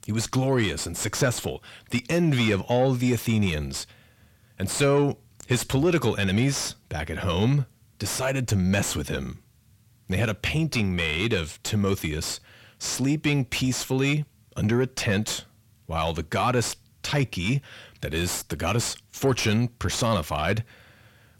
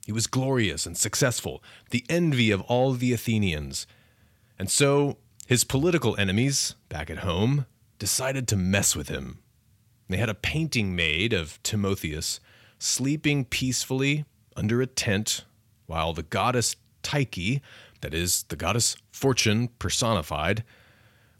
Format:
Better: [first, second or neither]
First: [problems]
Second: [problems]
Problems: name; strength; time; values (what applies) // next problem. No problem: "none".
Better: second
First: distortion; slight; 10 dB below the speech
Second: none